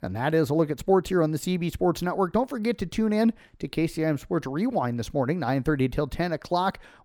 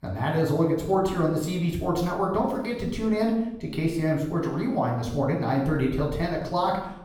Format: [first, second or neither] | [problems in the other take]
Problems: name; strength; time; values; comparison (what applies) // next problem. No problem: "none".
first | off-mic speech; far // room echo; noticeable; dies away in 0.7 s